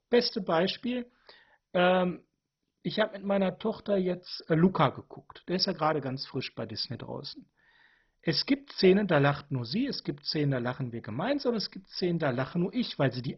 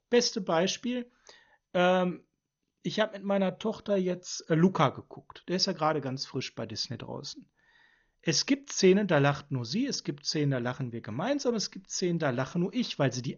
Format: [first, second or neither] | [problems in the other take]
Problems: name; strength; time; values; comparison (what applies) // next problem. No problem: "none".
second | garbled, watery; badly; nothing above 5.5 kHz; slightly in the second